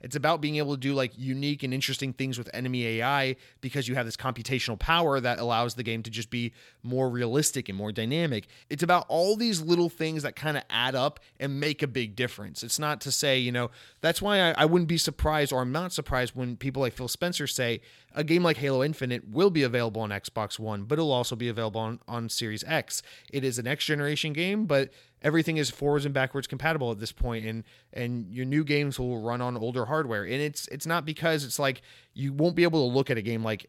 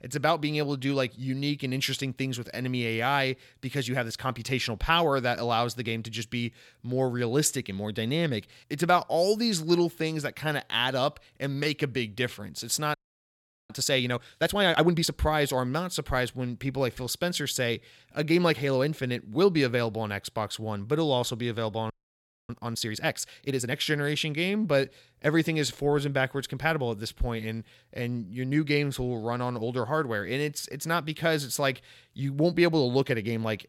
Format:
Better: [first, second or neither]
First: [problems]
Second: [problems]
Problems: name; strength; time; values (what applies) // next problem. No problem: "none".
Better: first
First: none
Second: audio freezing; at 13 s for 1 s and at 22 s for 0.5 s